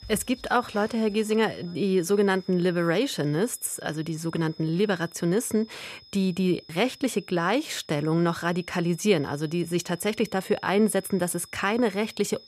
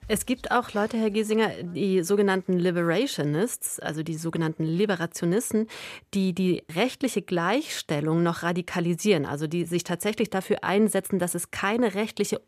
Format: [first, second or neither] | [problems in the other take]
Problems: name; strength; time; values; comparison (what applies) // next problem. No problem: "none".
second | high-pitched whine; faint; throughout; 5 kHz, 25 dB below the speech